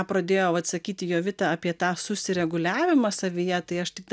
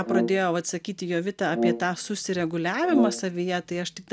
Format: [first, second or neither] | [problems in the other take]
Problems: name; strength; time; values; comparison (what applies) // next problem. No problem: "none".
first | background sound (Brass instrument); 4 dB below the speech